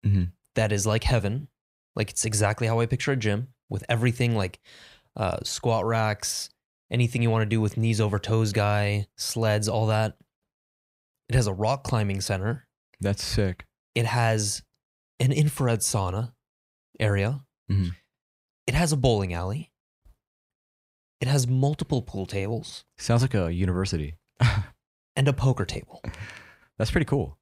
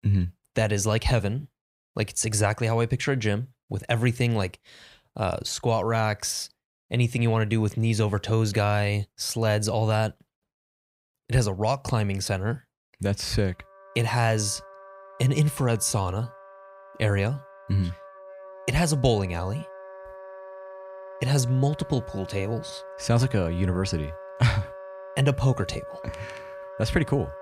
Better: first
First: none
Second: background music; noticeable; from 14 s on; 15 dB below the speech

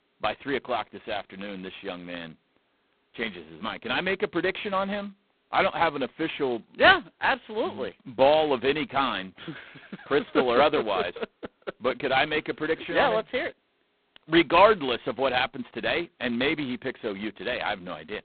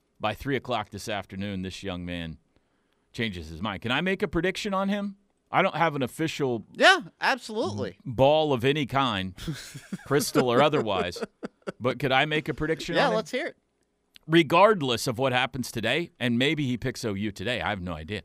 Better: second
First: phone-call audio; poor line; nothing above 4 kHz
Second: none

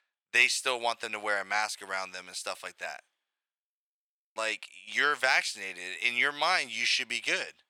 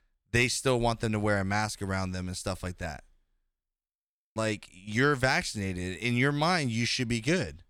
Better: second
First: thin; very; fading below 750 Hz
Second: none

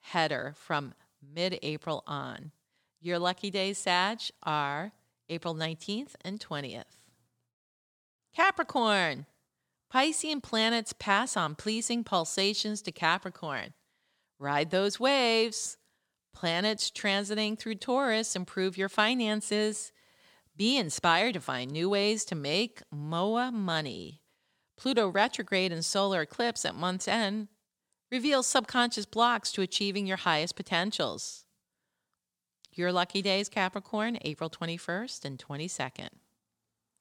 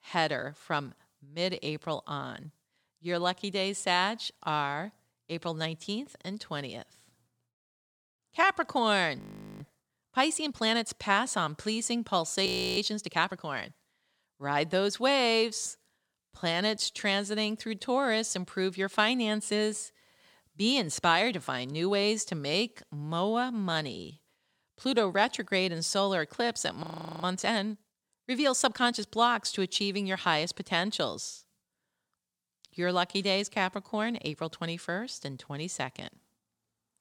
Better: first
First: none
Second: audio freezing; at 9 s, at 12 s and at 27 s

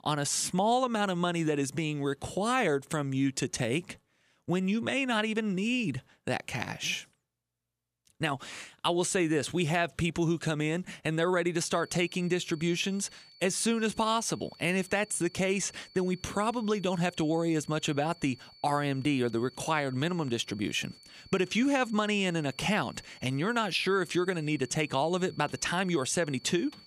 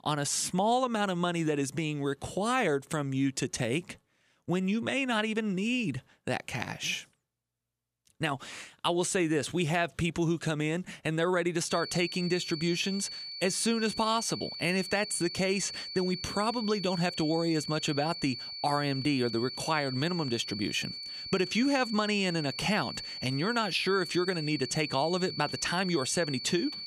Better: first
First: high-pitched whine; faint; from 12 s on; 4.5 kHz, 25 dB below the speech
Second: high-pitched whine; loud; from 12 s on; 4.5 kHz, 7 dB below the speech

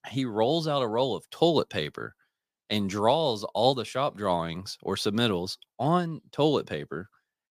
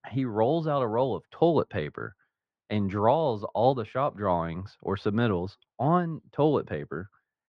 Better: first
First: none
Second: muffled; very; fading above 1.5 kHz

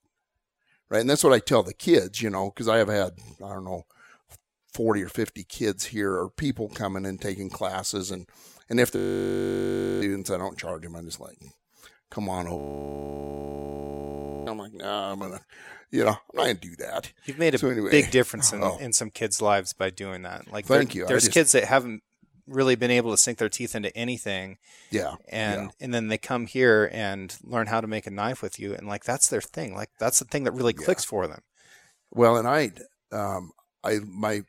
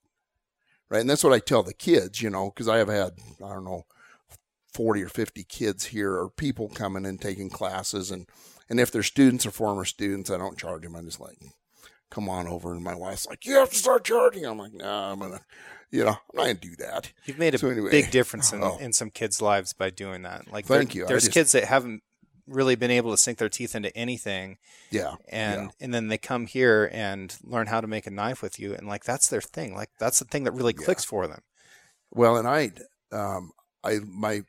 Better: second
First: audio freezing; at 9 s for 1 s and at 13 s for 2 s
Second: none

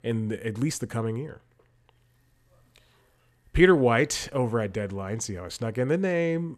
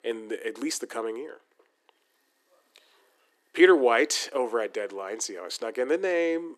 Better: first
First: none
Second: thin; somewhat; fading below 300 Hz

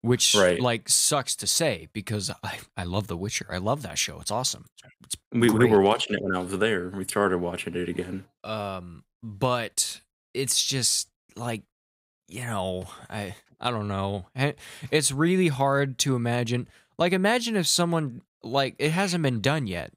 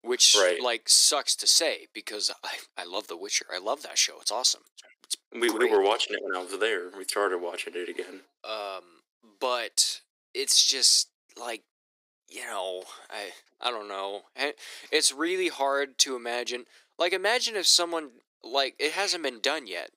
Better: first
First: none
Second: thin; very; fading below 300 Hz

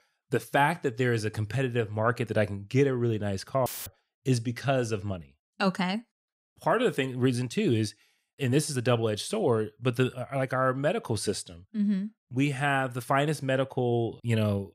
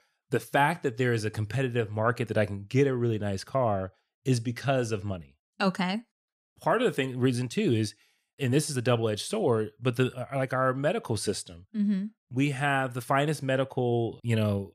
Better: second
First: audio cutting out; filled with static; at 3.5 s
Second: none

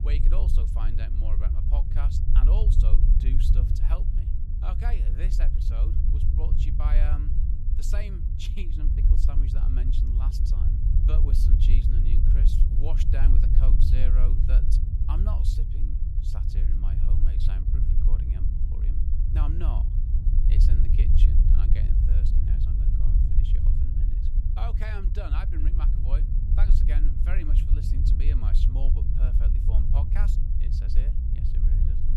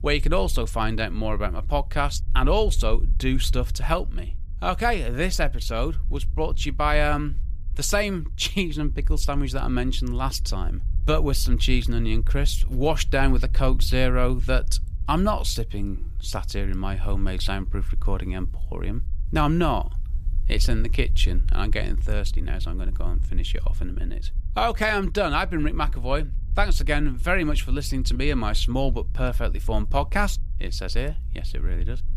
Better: second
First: low rumble; loud; throughout; 1 dB below the speech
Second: low rumble; faint; throughout; 25 dB below the speech

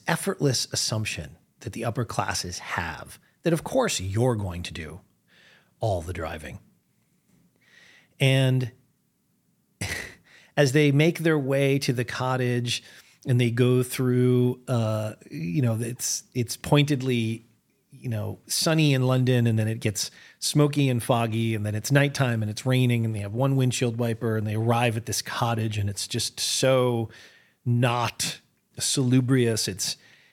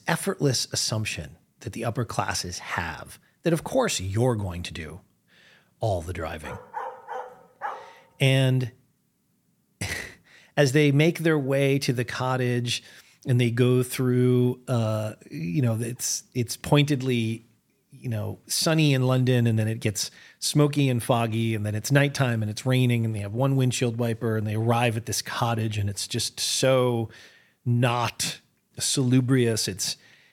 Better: first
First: none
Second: dog barking; faint; from 6.5 to 8 s; peak 10 dB below the speech

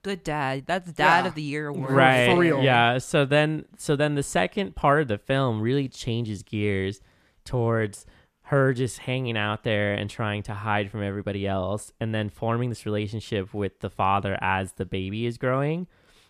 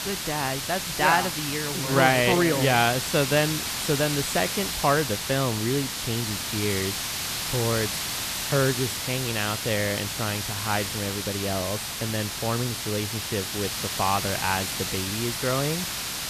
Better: first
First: none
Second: hiss; loud; throughout; 2 dB below the speech

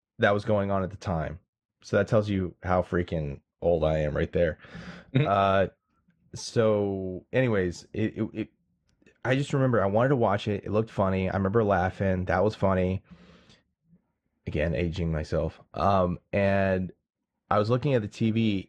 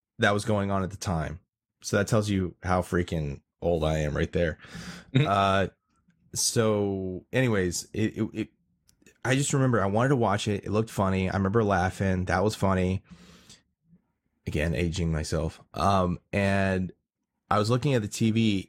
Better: second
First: muffled; slightly; fading above 3.5 kHz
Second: none

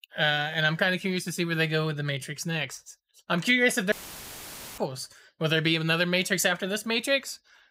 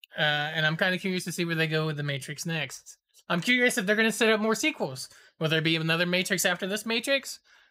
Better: second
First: audio cutting out; filled with static; at 4 s for 1 s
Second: none

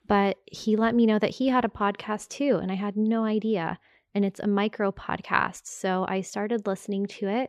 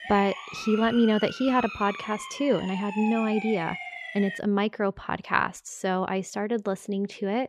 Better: first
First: none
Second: siren; noticeable; until 4.5 s; peak 7 dB below the speech

